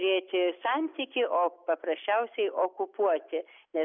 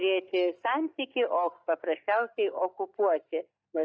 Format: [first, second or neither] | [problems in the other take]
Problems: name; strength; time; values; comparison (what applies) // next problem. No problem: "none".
first | noise reduction (neural mask model DeepFilterNet 3)